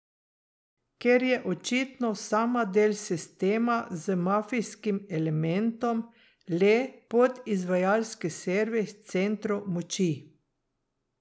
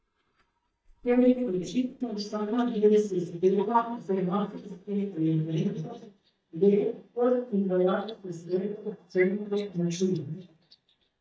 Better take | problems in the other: first | noise reduction (neural mask model DeepFilterNet 3)

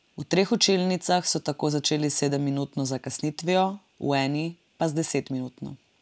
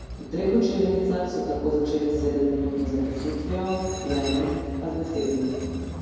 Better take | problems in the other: first | background sound (Train); 9 dB below the speech // room echo; dies away in 2.2 s

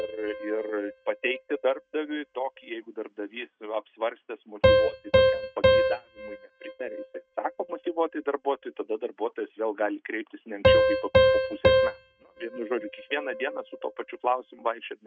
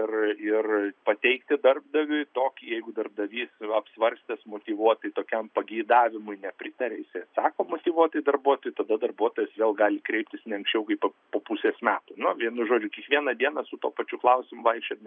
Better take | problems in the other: second | noise reduction (neural mask model RNNoise)

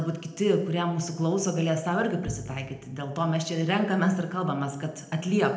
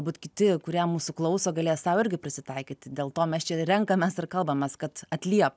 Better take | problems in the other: second | background sound (Piano); 16 dB below the speech // room echo; dies away in 0.8 s

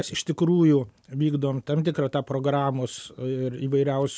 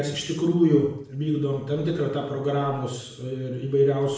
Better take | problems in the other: first | room echo; dies away in 0.6 s

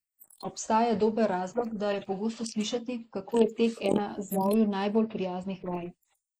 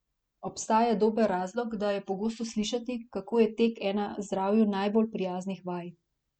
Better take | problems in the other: second | noise reduction (neural mask model Resemble Enhance denoiser)

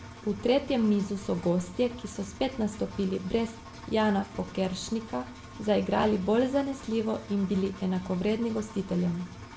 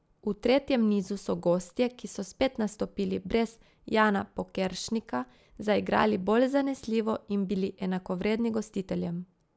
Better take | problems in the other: second | background sound (Engine); 16 dB below the speech // room echo; dies away in 0.4 s

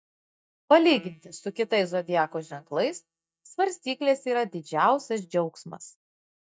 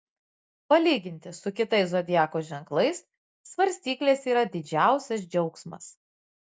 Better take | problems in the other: second | noise reduction (neural mask model DeepFilterNet 3)

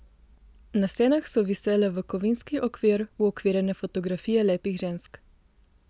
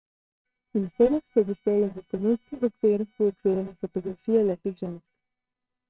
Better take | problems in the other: first | noise reduction (neural separator model SepFormer WHAMR!)

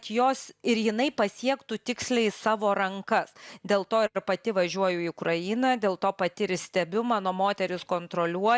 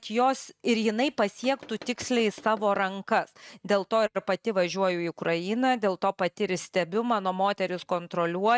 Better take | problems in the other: first | noise reduction (neural mask model RNNoise)

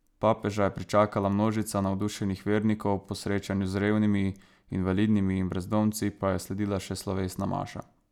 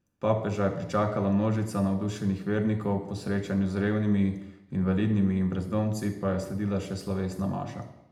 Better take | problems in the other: first | room echo; dies away in 0.7 s

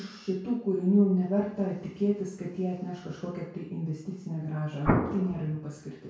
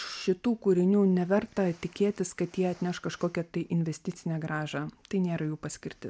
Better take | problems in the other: second | background sound (Explosion); as loud as the speech // room echo; dies away in 0.6 s

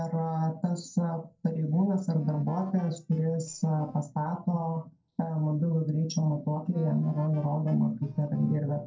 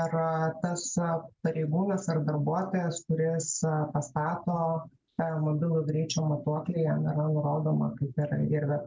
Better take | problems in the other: second | noise reduction (neural separator model SepFormer DNS4)

